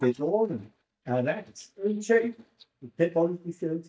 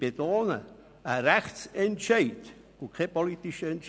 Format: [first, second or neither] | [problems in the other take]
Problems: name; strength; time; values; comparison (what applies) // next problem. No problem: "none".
second | noise reduction (neural mask model DeepFilterNet 3)